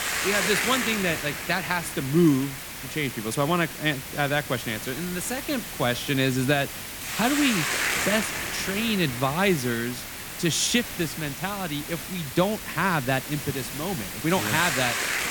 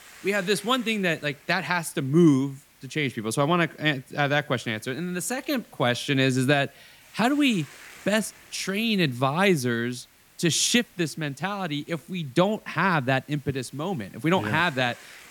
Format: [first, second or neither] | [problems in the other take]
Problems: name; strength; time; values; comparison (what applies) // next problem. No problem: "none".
second | hiss; loud; throughout; 4 dB below the speech; faint in the second